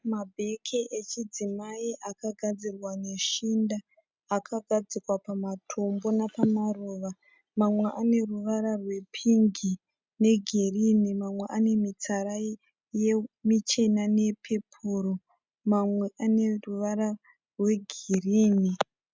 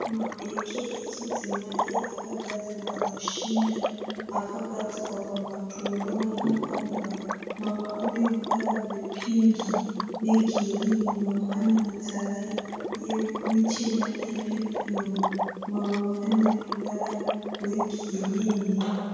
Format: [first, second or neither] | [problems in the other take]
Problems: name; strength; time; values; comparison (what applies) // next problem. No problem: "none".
first | background sound (Water / Liquid); 6 dB below the speech // room echo; dies away in 2.1 s